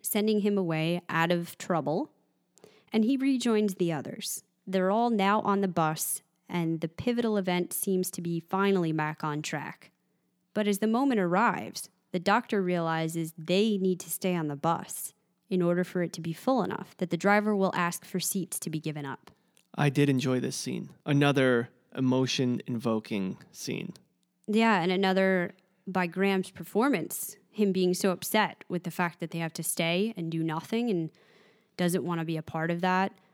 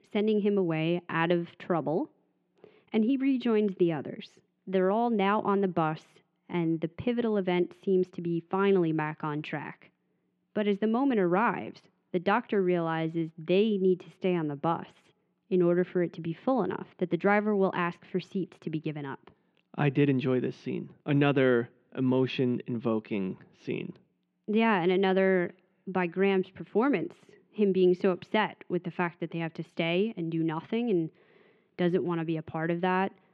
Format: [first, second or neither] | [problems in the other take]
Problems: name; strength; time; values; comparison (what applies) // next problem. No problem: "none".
first | muffled; very; fading above 3 kHz